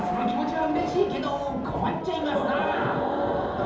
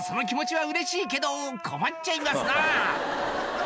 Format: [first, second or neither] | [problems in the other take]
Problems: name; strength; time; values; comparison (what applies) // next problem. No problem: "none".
second | background sound (Thunder); 9 dB below the speech // room echo; dies away in 2.8 s